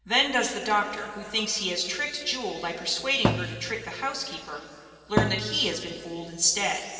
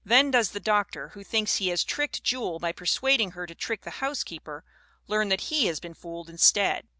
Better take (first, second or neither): second